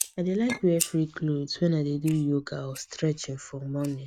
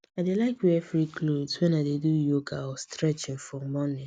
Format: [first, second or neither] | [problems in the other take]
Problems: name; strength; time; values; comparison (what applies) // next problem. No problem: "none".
second | noise reduction (neural mask model RNNoise)